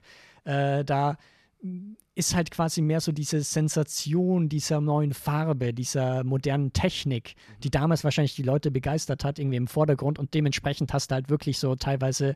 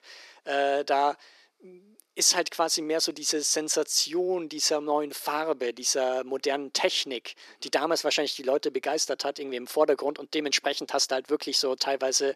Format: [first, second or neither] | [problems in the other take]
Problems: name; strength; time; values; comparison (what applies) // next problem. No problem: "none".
first | thin; very; fading below 350 Hz